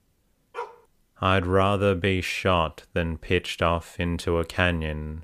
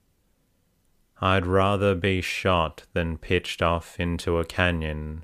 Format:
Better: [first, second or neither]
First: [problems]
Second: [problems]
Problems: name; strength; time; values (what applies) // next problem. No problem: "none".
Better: second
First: dog barking; faint; at 0.5 s; peak 15 dB below the speech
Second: none